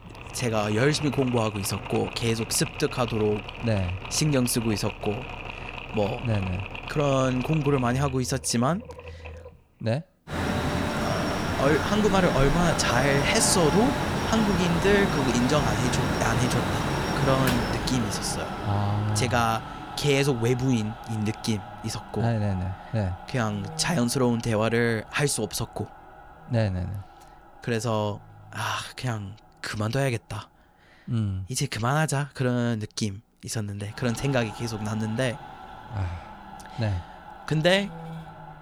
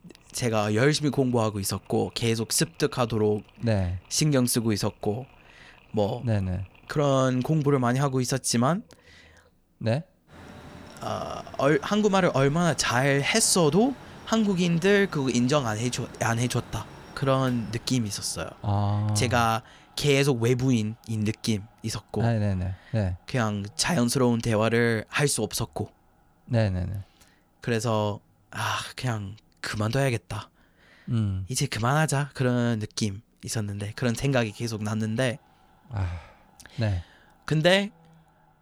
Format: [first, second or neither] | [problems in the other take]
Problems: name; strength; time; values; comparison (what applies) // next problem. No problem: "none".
second | machinery noise; loud; throughout; 5 dB below the speech; faint in the second